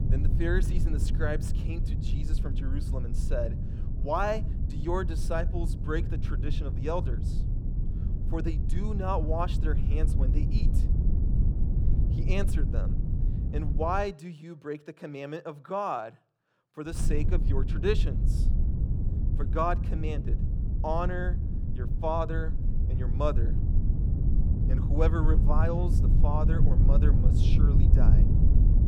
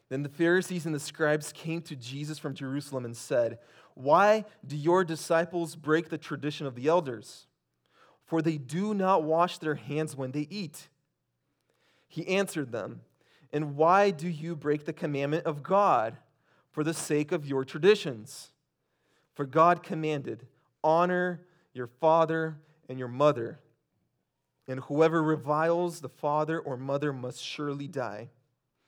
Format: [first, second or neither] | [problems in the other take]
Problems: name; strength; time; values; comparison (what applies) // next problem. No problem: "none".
second | low rumble; loud; until 14 s and from 17 s on; 9 dB below the speech